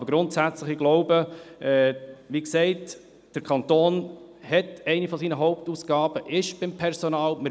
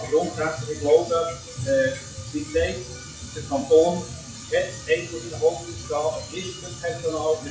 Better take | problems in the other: first | noise reduction (classical method WPE with log-MMSE)

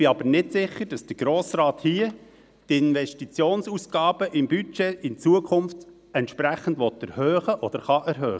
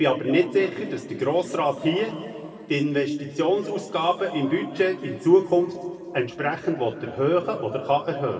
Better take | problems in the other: first | room echo; dies away in 2.3 s

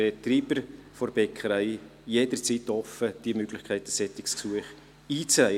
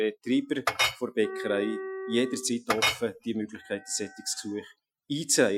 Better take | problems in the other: first | noise reduction (classical method Wiener filter)

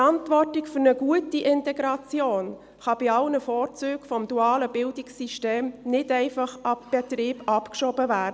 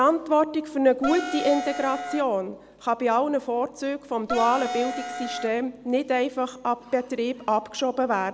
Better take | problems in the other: first | background sound (Wind instrument, woodwind instrument); 6 dB below the speech

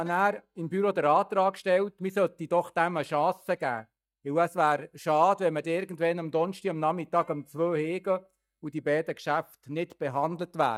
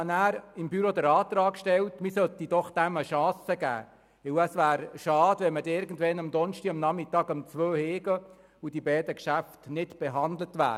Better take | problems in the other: second | noise reduction (neural mask model DeepFilterNet 3)

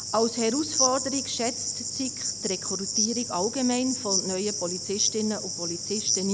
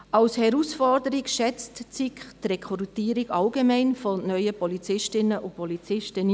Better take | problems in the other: second | background sound (Cricket); 1 dB below the speech

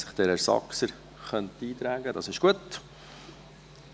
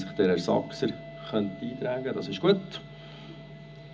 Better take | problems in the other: first | background sound (Wind instrument, woodwind instrument); 19 dB below the speech // room echo; dies away in 0.4 s

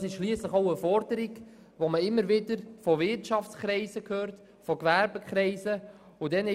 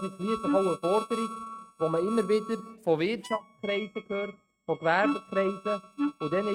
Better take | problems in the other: first | noise reduction (neural mask model RNNoise)

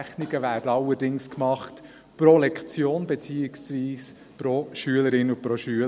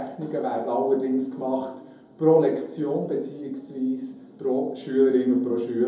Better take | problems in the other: first | room echo; dies away in 2.6 s

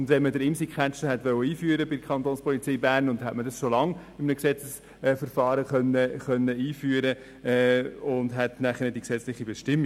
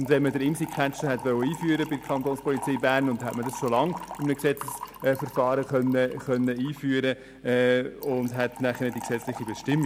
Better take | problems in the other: first | background sound (Fill (with liquid) / Trickle, dribble); 15 dB below the speech

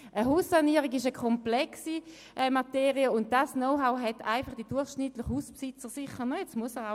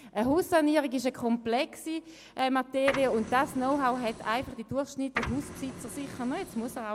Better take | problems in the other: first | background sound (Printer); 11 dB below the speech

